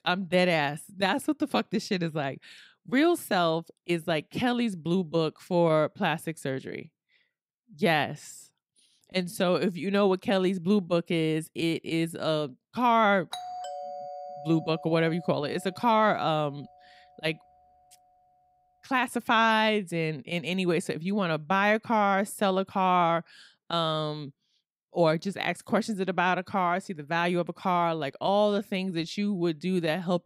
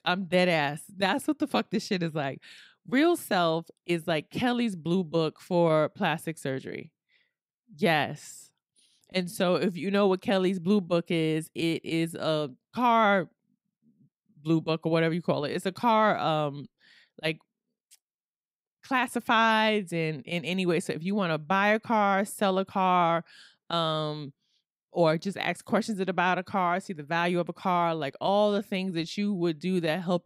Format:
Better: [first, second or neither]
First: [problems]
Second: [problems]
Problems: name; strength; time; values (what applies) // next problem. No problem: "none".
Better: second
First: doorbell; faint; from 13 to 16 s; peak 10 dB below the speech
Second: none